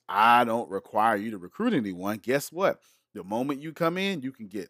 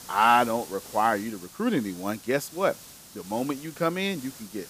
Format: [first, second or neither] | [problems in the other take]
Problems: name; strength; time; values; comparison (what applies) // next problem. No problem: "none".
first | hiss; noticeable; throughout; 15 dB below the speech